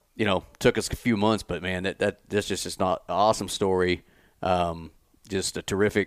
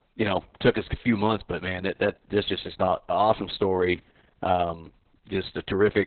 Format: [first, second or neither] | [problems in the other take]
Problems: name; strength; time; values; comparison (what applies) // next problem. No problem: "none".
first | garbled, watery; badly; nothing above 4 kHz